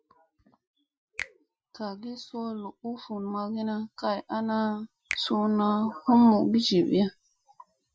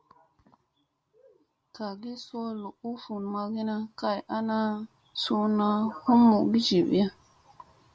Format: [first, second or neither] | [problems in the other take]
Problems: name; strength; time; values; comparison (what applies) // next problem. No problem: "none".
second | noise reduction (classical method Wiener filter)